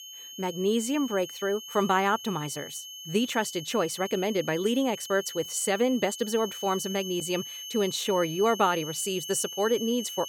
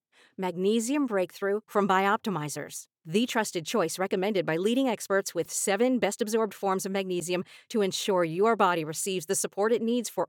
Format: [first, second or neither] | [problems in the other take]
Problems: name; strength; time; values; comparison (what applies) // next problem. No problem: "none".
second | high-pitched whine; loud; throughout; 3 kHz, 10 dB below the speech